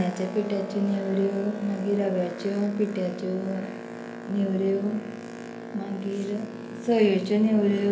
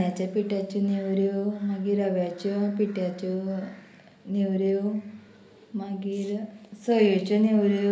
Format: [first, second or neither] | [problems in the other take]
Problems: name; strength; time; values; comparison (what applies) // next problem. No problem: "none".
second | background sound (Boat, Water vehicle); 10 dB below the speech